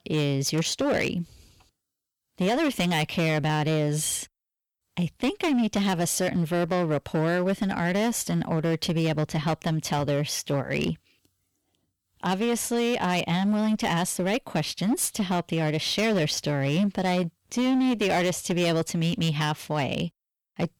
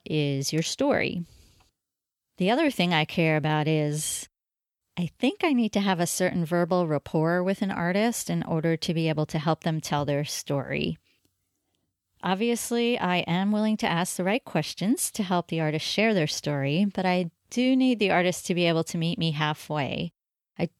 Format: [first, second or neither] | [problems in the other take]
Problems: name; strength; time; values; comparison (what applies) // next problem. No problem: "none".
second | distortion; slight; 13% of the sound clipped